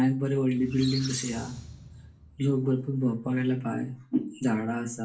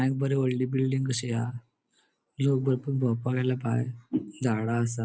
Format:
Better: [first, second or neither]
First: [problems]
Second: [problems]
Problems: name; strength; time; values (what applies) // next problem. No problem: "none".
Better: second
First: background sound (Squeak); 14 dB below the speech // room echo; dies away in 0.3 s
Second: none